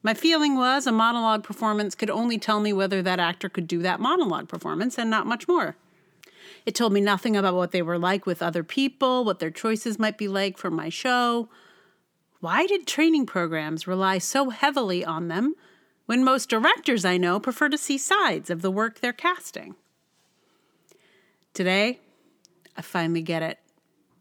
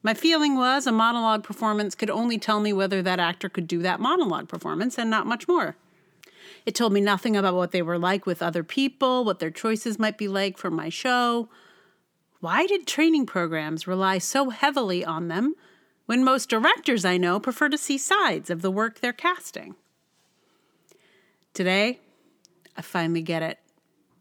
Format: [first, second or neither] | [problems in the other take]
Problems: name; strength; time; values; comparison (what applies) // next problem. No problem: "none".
neither | none